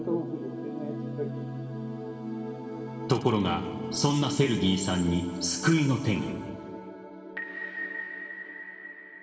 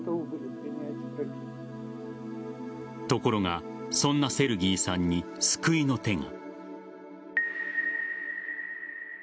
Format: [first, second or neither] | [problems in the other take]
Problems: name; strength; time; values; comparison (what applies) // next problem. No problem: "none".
second | room echo; dies away in 1.7 s